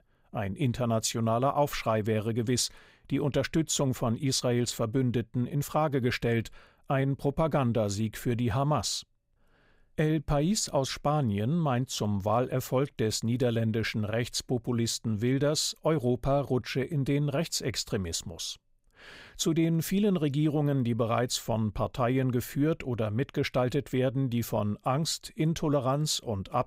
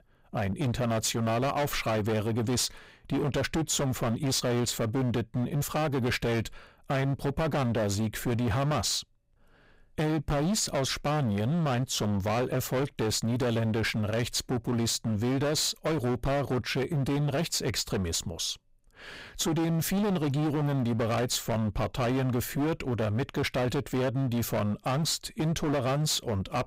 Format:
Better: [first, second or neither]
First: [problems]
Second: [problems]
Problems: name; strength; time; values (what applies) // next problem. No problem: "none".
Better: first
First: none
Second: distortion; heavy; 26% of the sound clipped